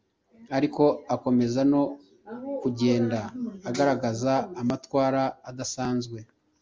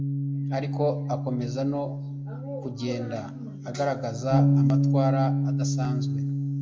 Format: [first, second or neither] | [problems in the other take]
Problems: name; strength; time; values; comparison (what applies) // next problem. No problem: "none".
first | background sound (Bass guitar); 5 dB above the speech // room echo; dies away in 1.2 s